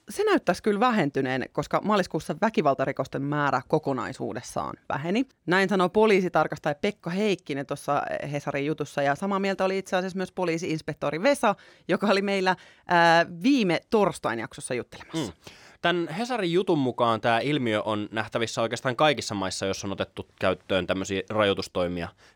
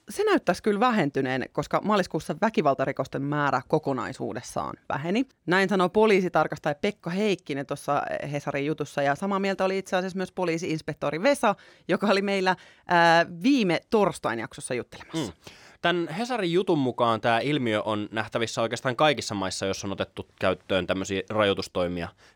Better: neither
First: none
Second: none

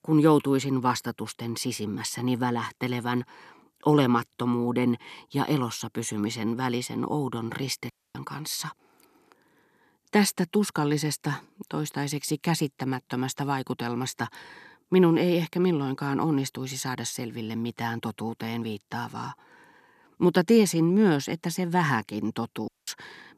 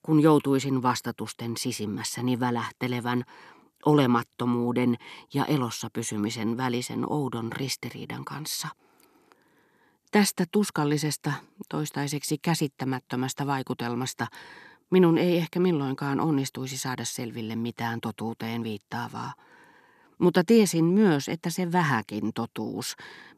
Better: second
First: audio cutting out; at 8 s and at 23 s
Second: none

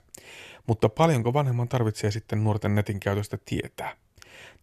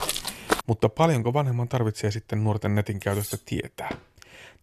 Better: first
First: none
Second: footsteps; noticeable; at the start; peak 1 dB below the speech // clattering dishes; noticeable; at 3 s; peak 9 dB below the speech // door banging; faint; at 4 s; peak 15 dB below the speech

